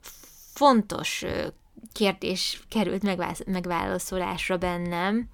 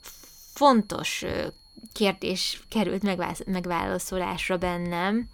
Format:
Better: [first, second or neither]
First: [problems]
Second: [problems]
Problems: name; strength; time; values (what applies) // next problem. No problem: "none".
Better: first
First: none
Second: high-pitched whine; faint; throughout; 4.5 kHz, 30 dB below the speech